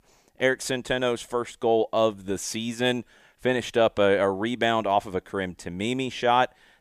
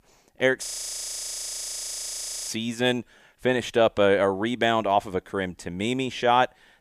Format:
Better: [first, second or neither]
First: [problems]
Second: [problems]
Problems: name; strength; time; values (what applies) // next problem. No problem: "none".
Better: first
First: none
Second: audio freezing; at 0.5 s for 2 s